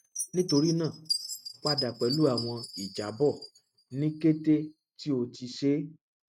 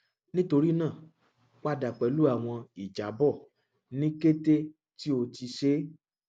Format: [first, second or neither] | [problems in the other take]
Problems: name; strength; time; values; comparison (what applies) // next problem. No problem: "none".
second | noise reduction (neural mask model RNNoise)